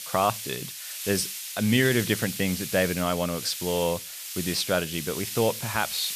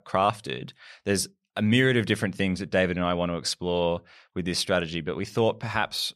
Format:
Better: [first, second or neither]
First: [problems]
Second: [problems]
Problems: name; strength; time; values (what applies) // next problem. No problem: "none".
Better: second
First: hiss; loud; throughout; 6 dB below the speech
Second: none